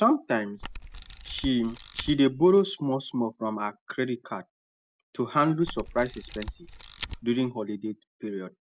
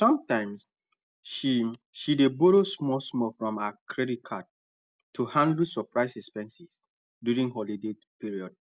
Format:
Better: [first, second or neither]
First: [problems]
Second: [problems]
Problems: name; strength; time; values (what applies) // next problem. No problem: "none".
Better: second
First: background sound (Camera); 13 dB below the speech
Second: none